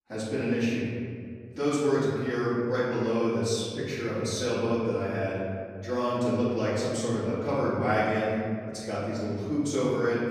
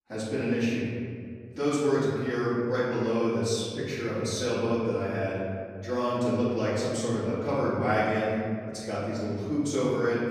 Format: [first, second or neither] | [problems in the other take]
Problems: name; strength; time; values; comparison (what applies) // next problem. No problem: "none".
neither | off-mic speech; far; the same in both // room echo; strong; dies away in 2.1 s; the same in both